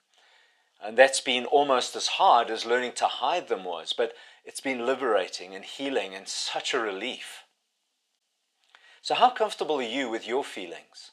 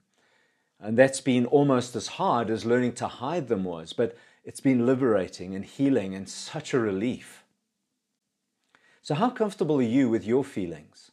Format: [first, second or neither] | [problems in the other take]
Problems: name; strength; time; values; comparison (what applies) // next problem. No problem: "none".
second | thin; very; fading below 650 Hz